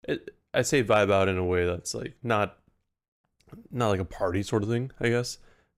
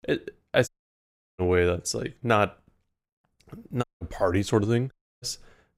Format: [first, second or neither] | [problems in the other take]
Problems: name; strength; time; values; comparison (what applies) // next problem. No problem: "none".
first | audio cutting out; at 0.5 s for 0.5 s, at 4 s and at 5 s